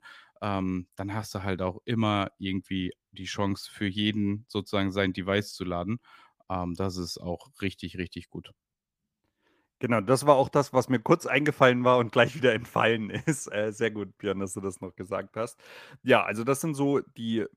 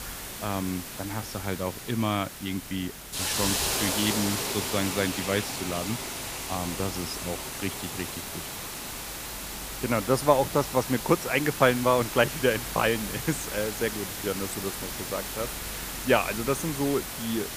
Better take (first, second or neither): first